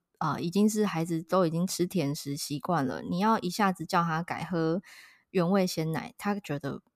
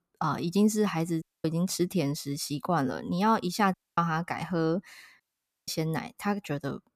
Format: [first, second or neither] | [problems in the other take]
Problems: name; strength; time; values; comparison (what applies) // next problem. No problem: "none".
first | audio cutting out; at 1 s, at 3.5 s and at 5 s